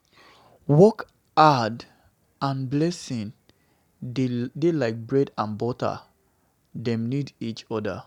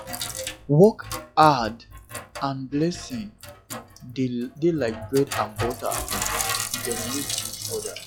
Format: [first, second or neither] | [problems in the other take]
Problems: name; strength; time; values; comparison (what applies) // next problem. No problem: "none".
first | noise reduction (classical method log-MMSE)